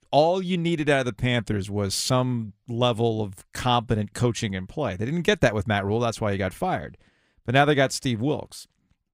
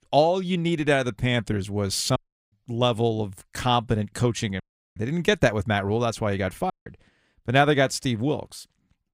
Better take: first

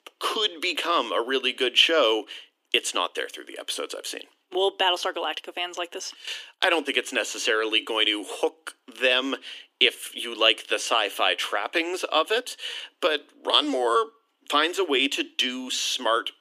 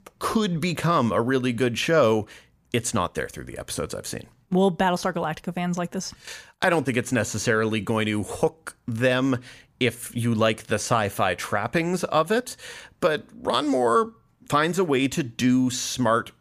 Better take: second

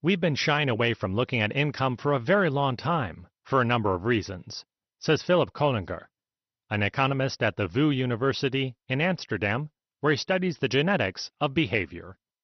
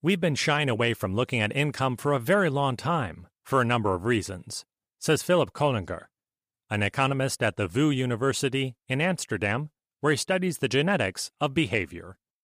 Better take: second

